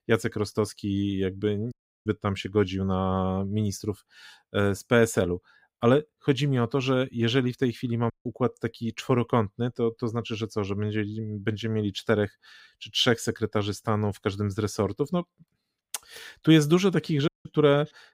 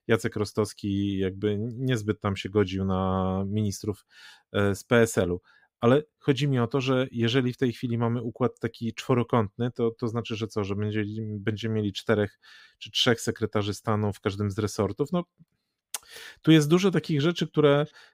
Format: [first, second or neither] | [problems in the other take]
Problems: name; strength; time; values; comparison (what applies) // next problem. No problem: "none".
second | audio cutting out; at 1.5 s, at 8 s and at 17 s